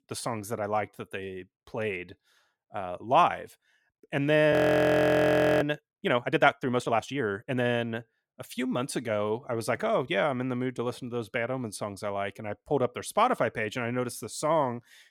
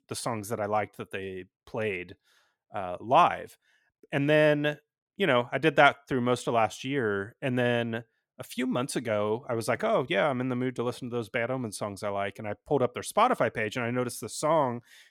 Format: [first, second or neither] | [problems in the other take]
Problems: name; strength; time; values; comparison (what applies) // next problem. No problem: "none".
second | audio freezing; at 4.5 s for 1 s